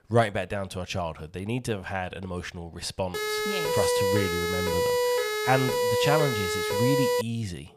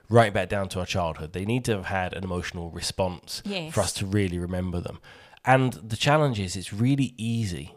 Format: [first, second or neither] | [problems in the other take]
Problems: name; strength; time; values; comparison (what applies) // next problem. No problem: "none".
second | siren; loud; from 3 to 7 s; peak 6 dB above the speech